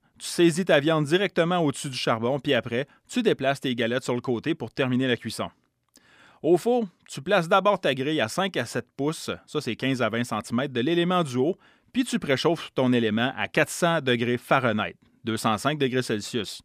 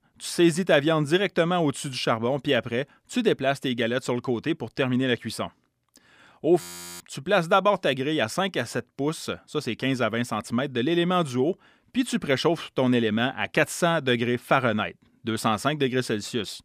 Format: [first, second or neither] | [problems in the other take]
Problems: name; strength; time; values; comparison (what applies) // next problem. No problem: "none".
first | audio freezing; at 6.5 s